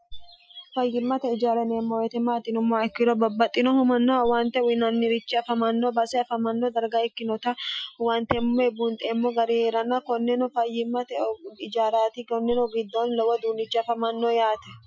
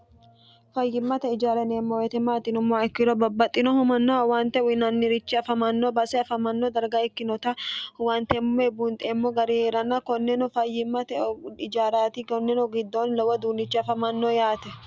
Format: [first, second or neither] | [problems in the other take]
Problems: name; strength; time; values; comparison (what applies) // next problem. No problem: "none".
second | noise reduction (classical method Wiener filter)